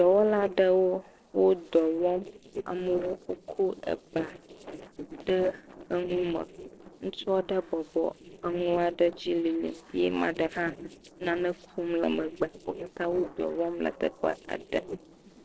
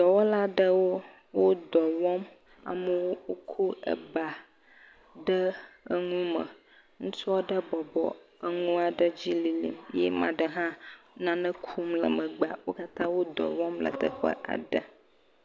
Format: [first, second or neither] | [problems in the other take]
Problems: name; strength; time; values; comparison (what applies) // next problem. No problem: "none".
second | noise reduction (neural separator model SepFormer DNS4)